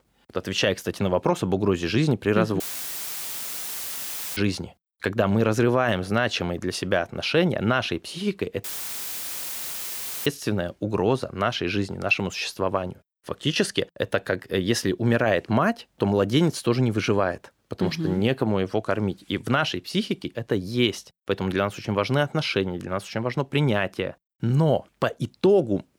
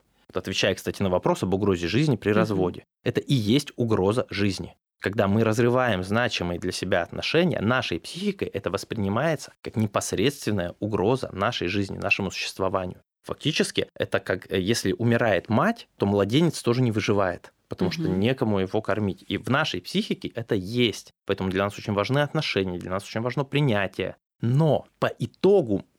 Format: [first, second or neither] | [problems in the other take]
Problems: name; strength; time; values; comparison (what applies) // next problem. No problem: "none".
second | audio cutting out; filled with static; at 2.5 s for 2 s and at 8.5 s for 1.5 s